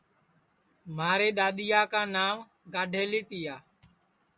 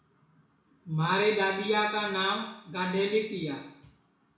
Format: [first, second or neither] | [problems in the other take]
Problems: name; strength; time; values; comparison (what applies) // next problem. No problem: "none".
first | room echo; dies away in 0.6 s